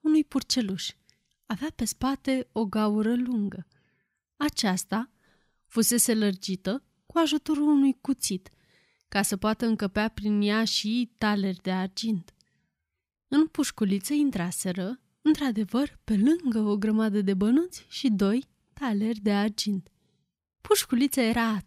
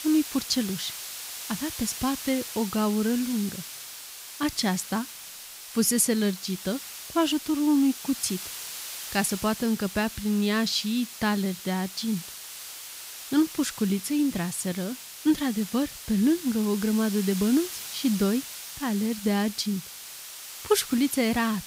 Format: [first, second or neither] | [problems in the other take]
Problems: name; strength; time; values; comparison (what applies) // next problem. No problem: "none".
first | hiss; loud; throughout; 10 dB below the speech